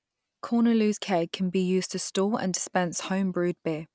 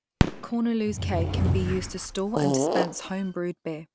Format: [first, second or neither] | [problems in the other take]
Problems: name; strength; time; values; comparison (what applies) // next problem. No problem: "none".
first | background sound (Fart / Drawer open or close + Fireworks); 3 dB above the speech